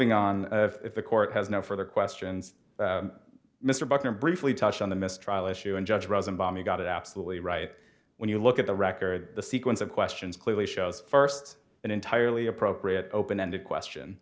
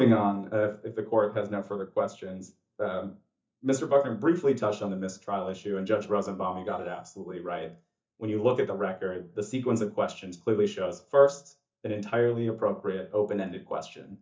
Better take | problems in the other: first | noise reduction (neural mask model DeepFilterNet 3)

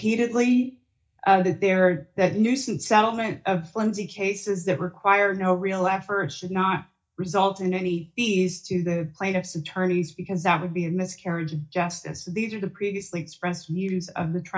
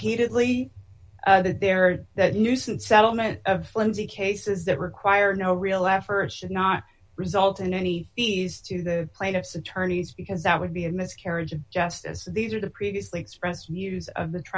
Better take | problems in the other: second | noise reduction (neural mask model DeepFilterNet 3)

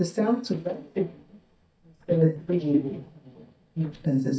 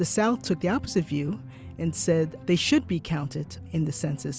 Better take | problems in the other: second | noise reduction (neural mask model DeepFilterNet 3)

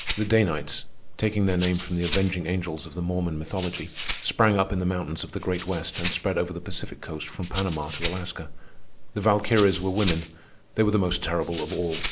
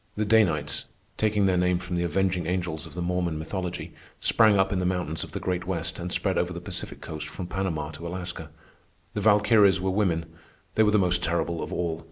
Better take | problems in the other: second | background sound (Rattle (instrument)); 9 dB below the speech

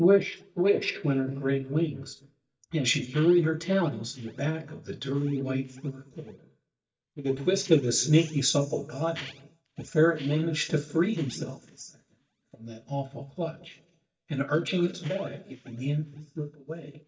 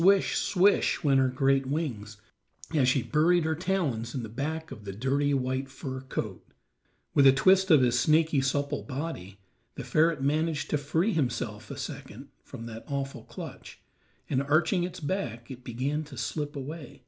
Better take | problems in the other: second | noise reduction (neural mask model DeepFilterNet 3)

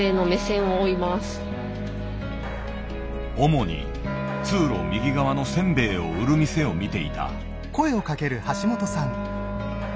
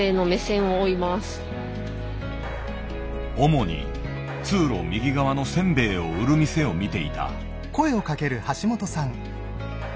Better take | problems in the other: second | background sound (Wind instrument, woodwind instrument); 9 dB below the speech

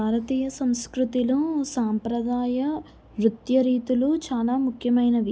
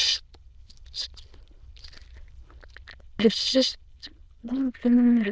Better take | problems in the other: first | noise reduction (neural diffusion model UNIVERSE++)

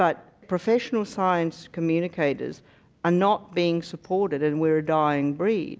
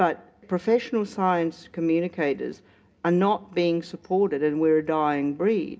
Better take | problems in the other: first | room echo; dies away in 0.3 s

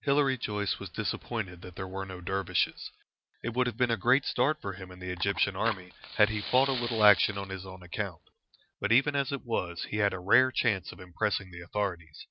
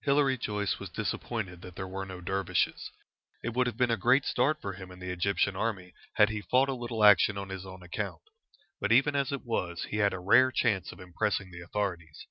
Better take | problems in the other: second | background sound (Fire); 11 dB below the speech

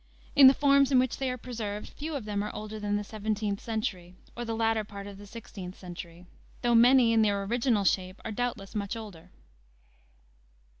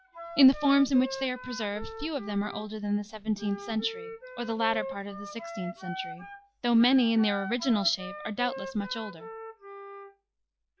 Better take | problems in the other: first | noise reduction (classical method log-MMSE)

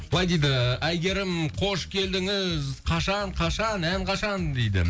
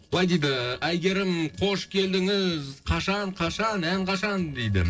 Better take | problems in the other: first | noise reduction (neural separator model SepFormer DNS4)

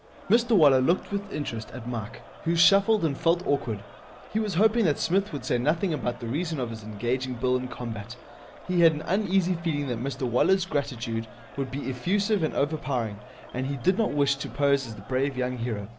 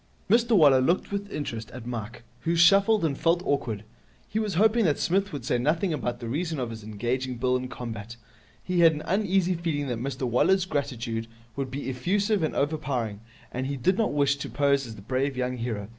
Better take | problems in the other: second | background sound (Crowd); 20 dB below the speech

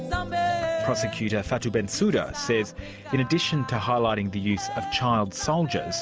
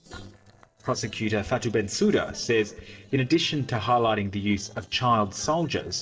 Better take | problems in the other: first | noise reduction (neural separator model SepFormer DNS4)

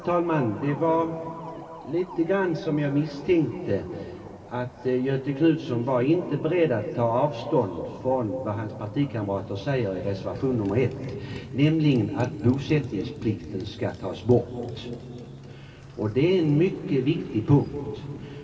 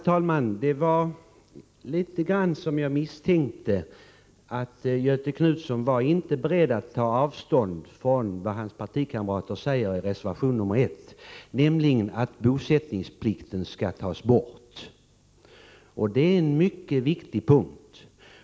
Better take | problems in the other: second | background sound (Motorcycle); 19 dB below the speech // room echo; dies away in 3 s

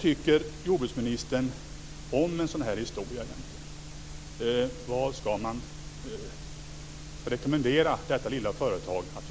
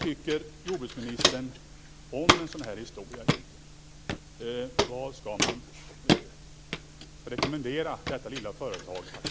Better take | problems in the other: first | background sound (Walk, footsteps); 5 dB above the speech

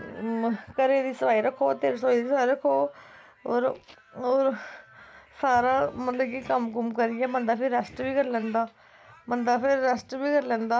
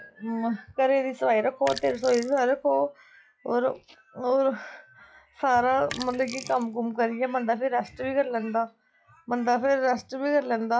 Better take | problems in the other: first | noise reduction (classical method log-MMSE)

